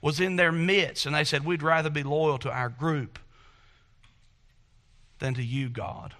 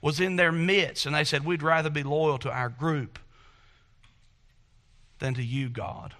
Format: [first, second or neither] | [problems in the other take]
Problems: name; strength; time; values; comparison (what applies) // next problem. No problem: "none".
neither | none